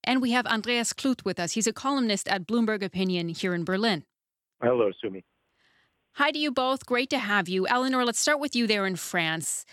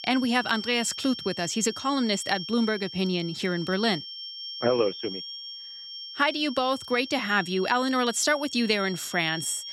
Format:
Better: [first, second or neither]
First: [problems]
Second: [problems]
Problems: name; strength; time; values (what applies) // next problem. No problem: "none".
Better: first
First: none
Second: high-pitched whine; noticeable; throughout; 5.5 kHz, 10 dB below the speech